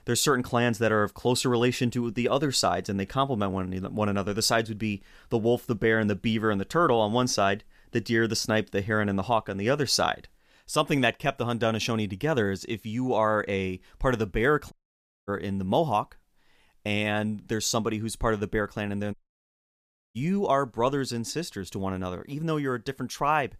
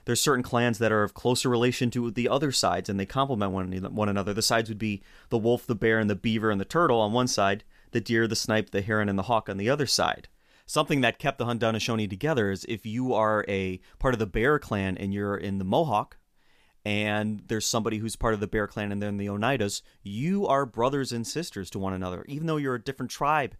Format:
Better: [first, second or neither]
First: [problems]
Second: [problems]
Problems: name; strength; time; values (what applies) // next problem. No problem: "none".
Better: second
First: audio cutting out; at 15 s for 0.5 s and at 19 s for 1 s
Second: none